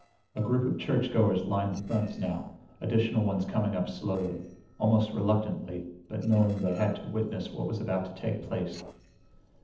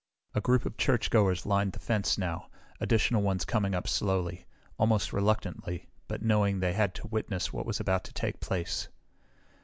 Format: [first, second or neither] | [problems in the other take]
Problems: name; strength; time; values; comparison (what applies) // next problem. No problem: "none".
second | noise reduction (neural separator model SepFormer DNS4)